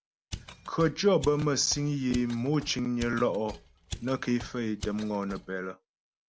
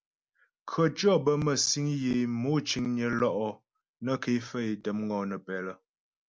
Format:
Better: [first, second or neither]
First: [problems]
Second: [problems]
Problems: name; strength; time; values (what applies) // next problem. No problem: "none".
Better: second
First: background sound (Mechanisms); 14 dB below the speech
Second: none